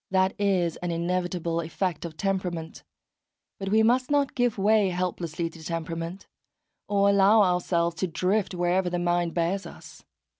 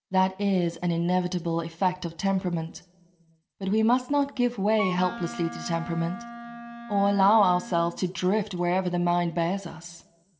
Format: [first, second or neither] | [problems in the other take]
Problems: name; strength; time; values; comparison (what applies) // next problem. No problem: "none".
first | background sound (Wind instrument, woodwind instrument); 12 dB below the speech // room echo; dies away in 0.7 s